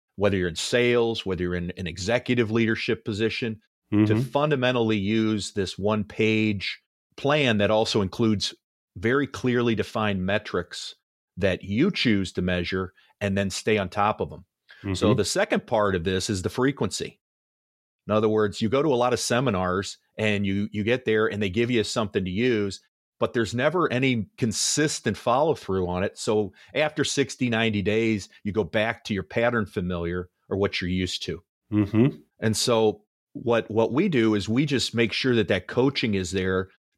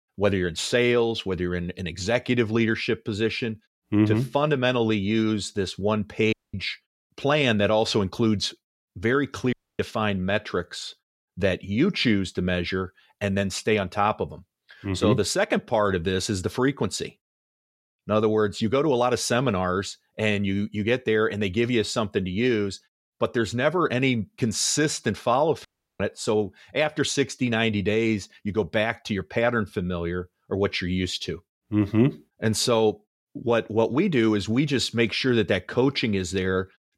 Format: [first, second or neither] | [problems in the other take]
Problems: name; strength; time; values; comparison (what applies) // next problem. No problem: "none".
first | audio cutting out; at 6.5 s, at 9.5 s and at 26 s